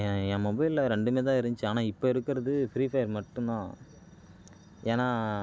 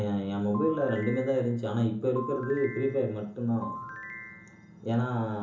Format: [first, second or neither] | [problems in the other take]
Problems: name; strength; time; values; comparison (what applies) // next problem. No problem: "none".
first | background sound (Ringtone / Chime); 13 dB below the speech // room echo; dies away in 0.8 s